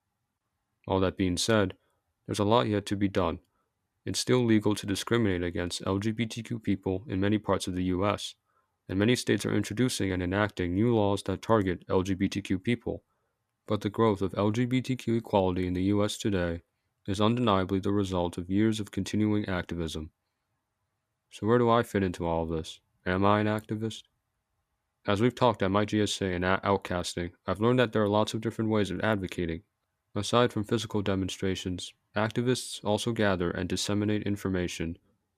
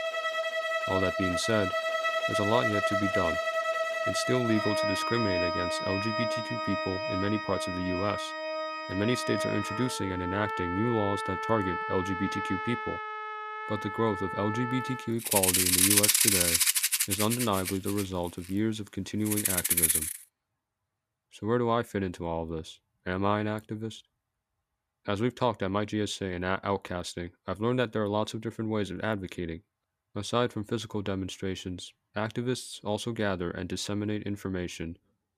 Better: first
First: none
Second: background music; very loud; until 20 s; 3 dB above the speech

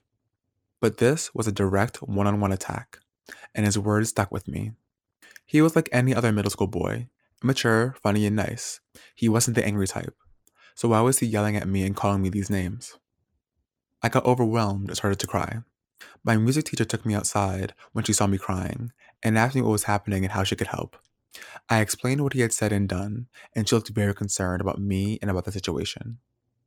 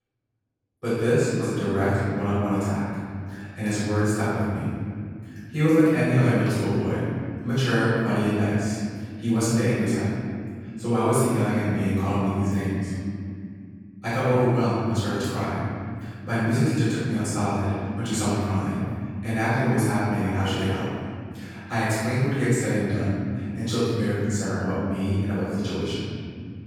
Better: first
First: none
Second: off-mic speech; far // room echo; strong; dies away in 2.5 s

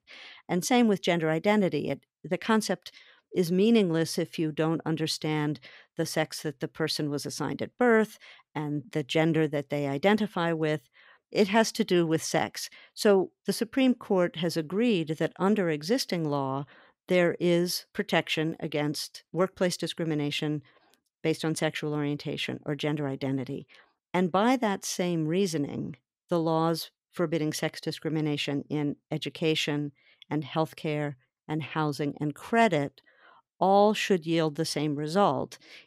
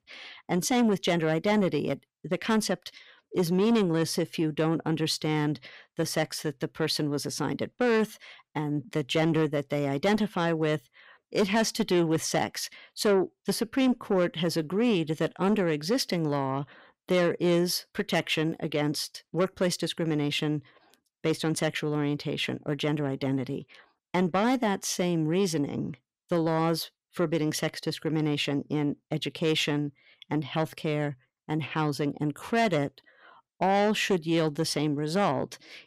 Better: first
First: none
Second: distortion; slight; 10 dB below the speech

